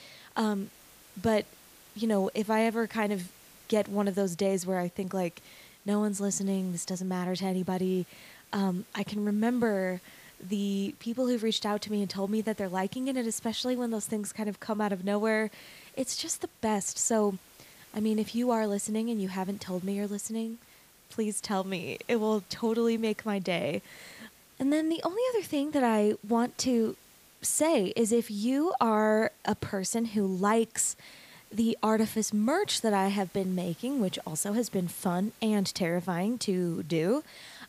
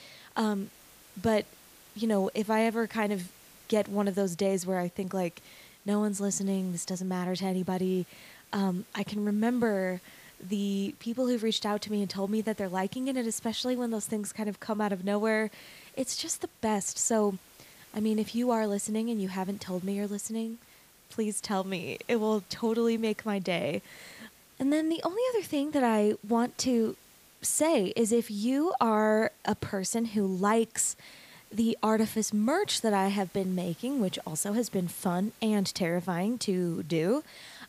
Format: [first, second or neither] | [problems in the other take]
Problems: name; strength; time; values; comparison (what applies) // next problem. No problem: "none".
neither | hiss; faint; throughout; 25 dB below the speech; the same in both